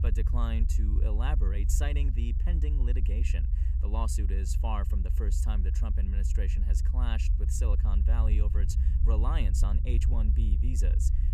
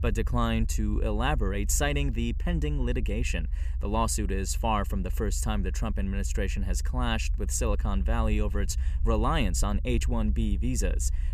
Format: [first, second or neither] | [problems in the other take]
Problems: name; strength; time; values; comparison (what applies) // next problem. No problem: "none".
second | low rumble; loud; throughout; 6 dB below the speech; faint in the second